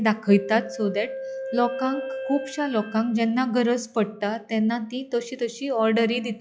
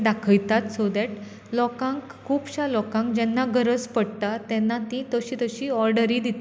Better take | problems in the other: second | noise reduction (classical method log-MMSE)

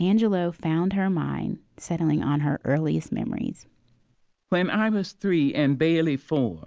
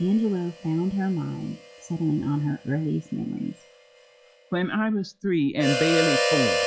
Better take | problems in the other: first | noise reduction (classical method log-MMSE)

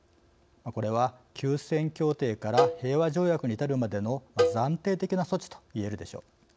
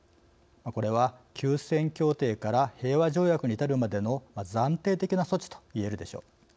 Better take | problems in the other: second | background sound (Cowbell); 3 dB below the speech

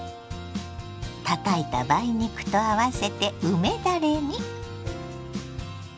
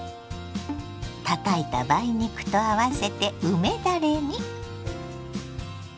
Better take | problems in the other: first | background sound (Bowed string instrument); 16 dB below the speech

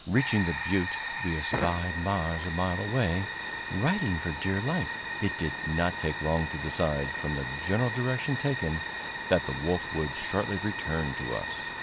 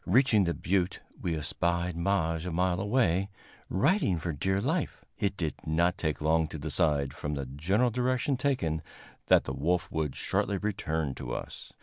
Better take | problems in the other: second | background sound (Fire); 5 dB below the speech

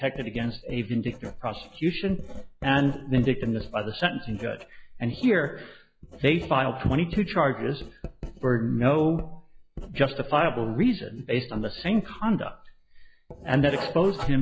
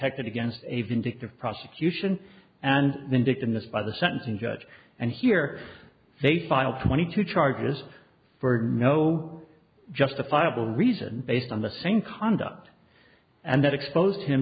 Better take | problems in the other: second | noise reduction (classical method log-MMSE)

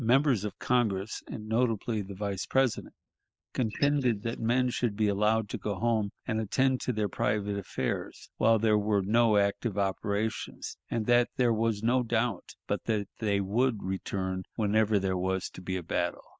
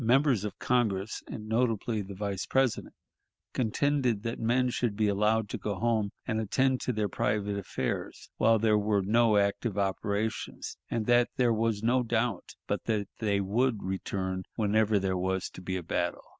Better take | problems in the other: second | noise reduction (neural mask model Resemble Enhance denoiser)

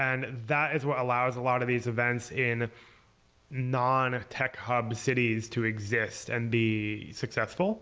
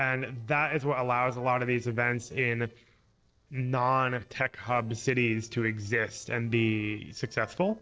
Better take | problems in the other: first | noise reduction (neural separator model SepFormer DNS4)

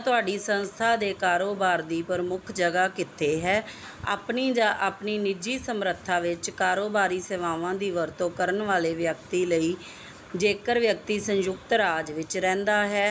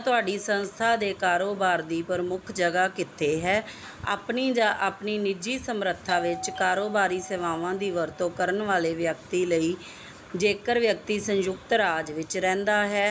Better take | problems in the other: first | background sound (Doorbell); 14 dB below the speech

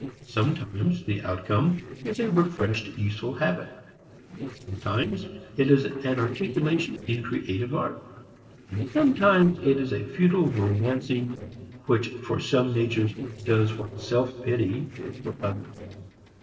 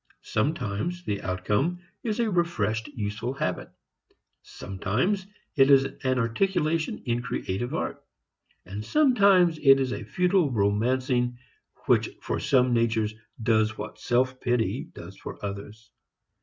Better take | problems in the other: second | noise reduction (neural separator model SepFormer DNS4)

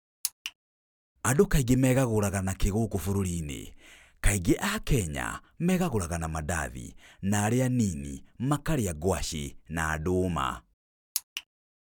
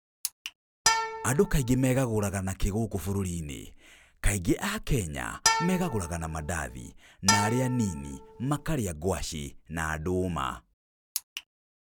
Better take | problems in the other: first | background sound (Bowed string instrument); 2 dB below the speech

